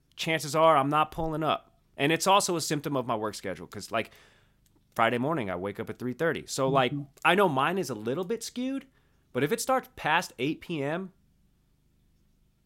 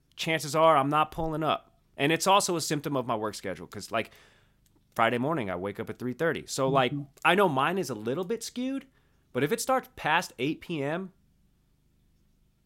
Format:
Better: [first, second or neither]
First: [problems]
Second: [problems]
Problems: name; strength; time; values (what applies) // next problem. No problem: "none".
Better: neither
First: none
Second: none